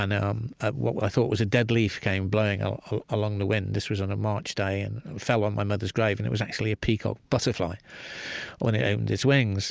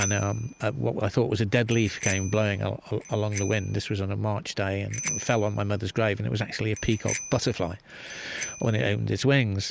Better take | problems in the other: first | background sound (Bicycle bell); 13 dB below the speech

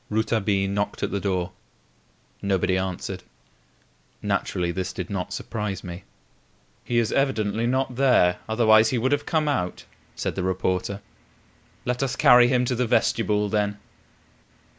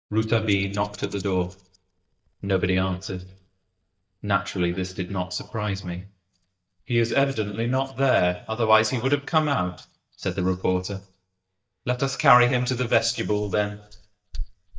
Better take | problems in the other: first | noise reduction (neural mask model DeepFilterNet 3)

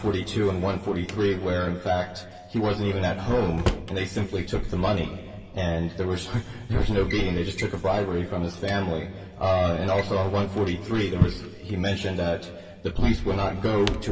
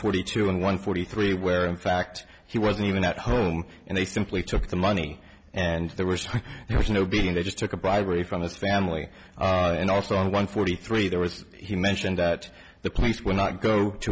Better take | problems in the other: second | background sound (Drawer open or close); 10 dB below the speech // room echo; dies away in 2.1 s

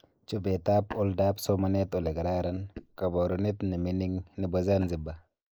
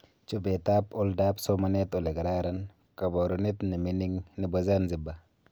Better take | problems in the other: second | noise reduction (neural mask model Resemble Enhance denoiser)

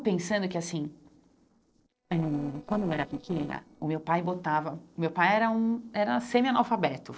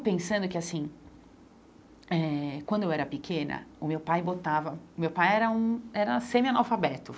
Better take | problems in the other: second | noise reduction (neural separator model SepFormer DNS4)

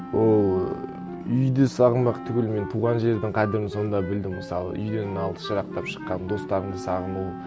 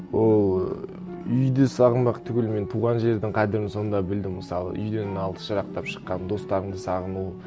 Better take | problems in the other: second | background sound (Wind instrument, woodwind instrument); 14 dB below the speech

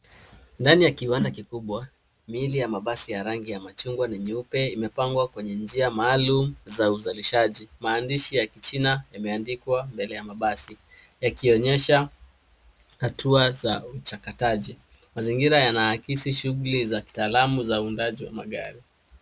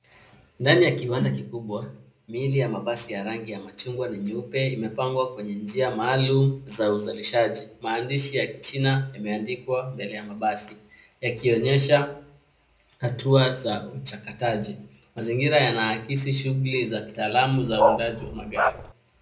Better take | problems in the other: first | background sound (Bark); 2 dB above the speech // room echo; dies away in 0.4 s

